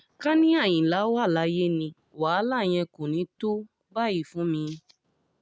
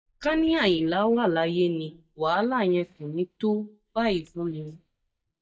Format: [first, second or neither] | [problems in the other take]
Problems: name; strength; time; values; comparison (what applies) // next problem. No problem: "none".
first | noise reduction (neural mask model DeepFilterNet 3)